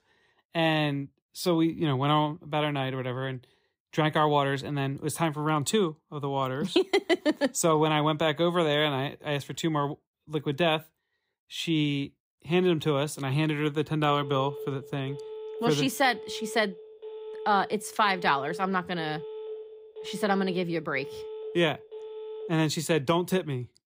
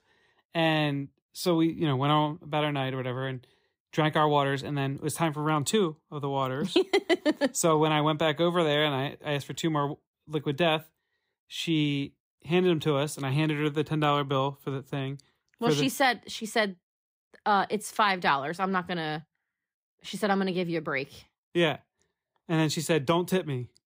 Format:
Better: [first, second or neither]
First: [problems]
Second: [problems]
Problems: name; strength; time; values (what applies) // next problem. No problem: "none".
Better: second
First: phone ringing; faint; from 14 to 22 s; peak 10 dB below the speech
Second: none